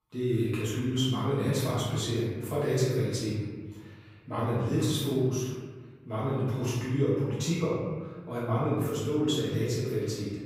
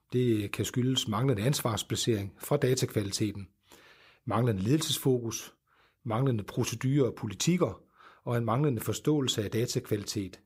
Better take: second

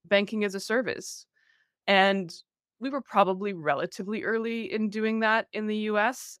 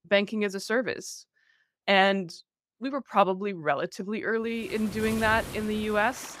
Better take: first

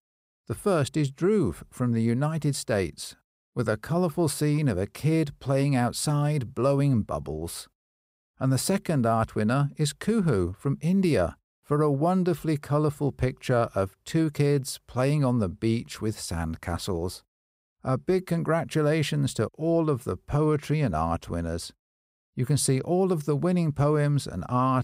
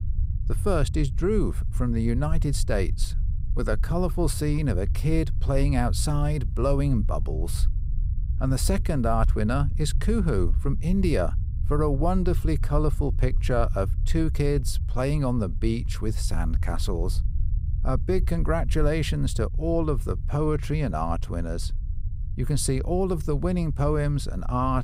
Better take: first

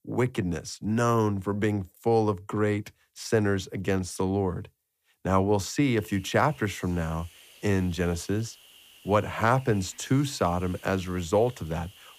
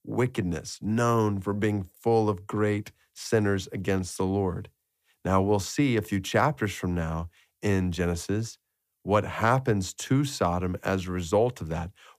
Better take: second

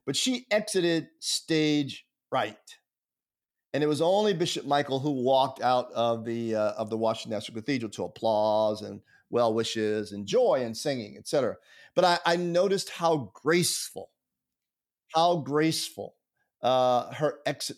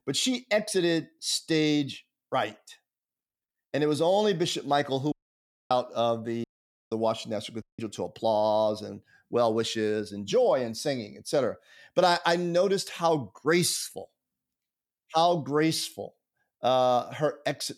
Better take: first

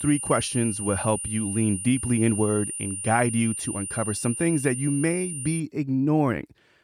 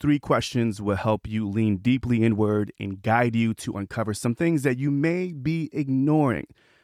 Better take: second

